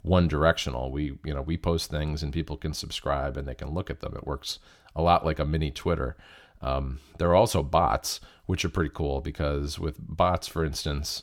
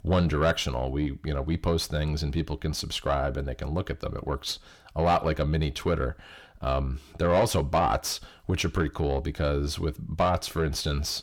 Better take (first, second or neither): first